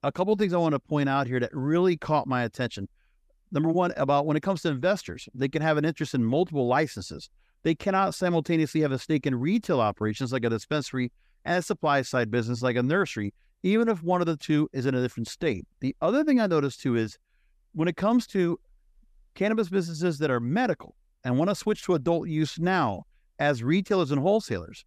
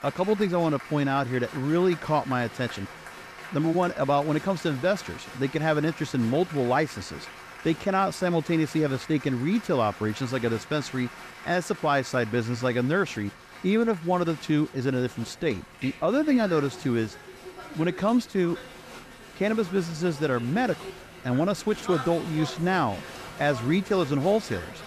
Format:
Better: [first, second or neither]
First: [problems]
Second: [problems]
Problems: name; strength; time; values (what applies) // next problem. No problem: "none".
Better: first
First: none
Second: crowd noise; noticeable; throughout; 15 dB below the speech